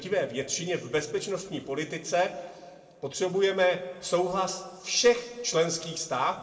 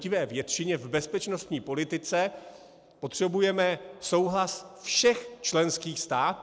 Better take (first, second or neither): second